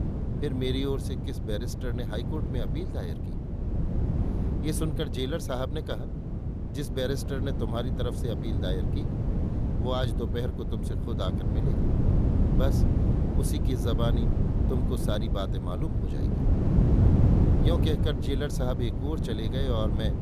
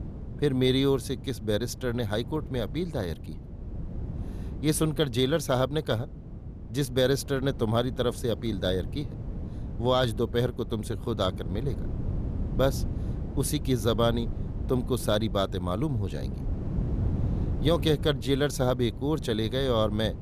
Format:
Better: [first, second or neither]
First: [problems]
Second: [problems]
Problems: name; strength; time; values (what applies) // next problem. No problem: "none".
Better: second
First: wind noise on the microphone; heavy; 3 dB below the speech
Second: wind noise on the microphone; occasional gusts; 15 dB below the speech